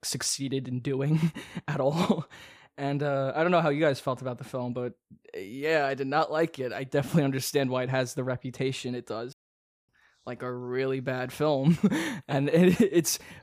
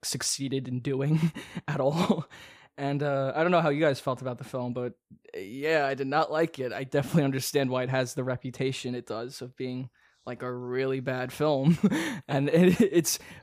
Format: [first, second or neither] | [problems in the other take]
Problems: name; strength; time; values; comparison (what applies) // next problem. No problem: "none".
second | audio cutting out; at 9.5 s for 0.5 s